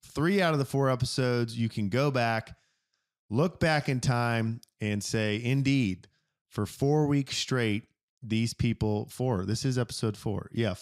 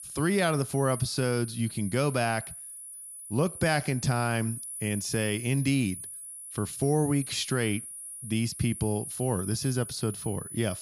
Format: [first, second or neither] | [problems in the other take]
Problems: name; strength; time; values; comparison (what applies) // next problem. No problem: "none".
first | high-pitched whine; loud; throughout; 10 kHz, 9 dB below the speech